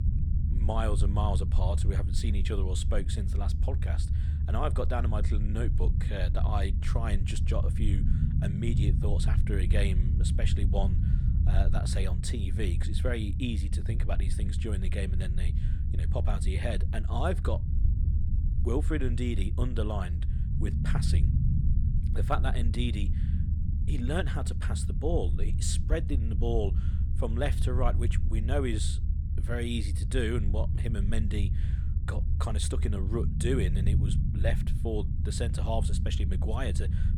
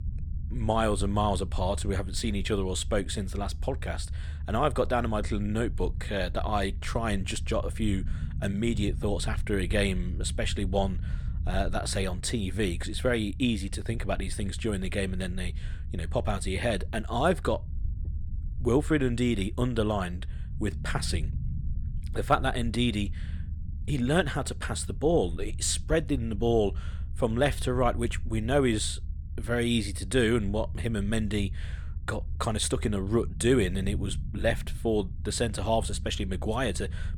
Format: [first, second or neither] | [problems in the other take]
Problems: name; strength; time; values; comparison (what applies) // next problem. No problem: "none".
second | low rumble; loud; throughout; 8 dB below the speech; faint in the second